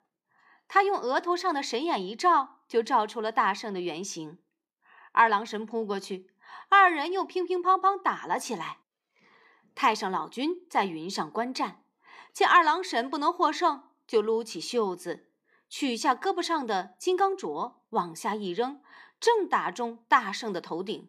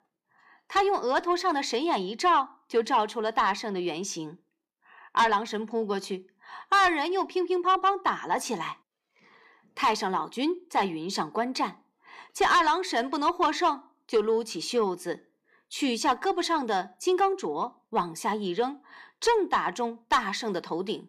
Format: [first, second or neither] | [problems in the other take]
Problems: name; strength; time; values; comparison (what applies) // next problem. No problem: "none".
first | distortion; slight; 10 dB below the speech